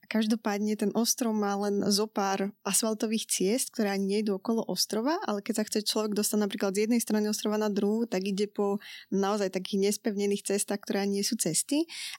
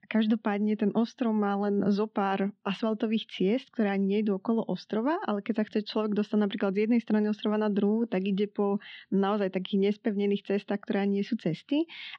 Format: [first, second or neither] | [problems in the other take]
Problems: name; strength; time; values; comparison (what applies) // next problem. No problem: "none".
first | muffled; very; fading above 3.5 kHz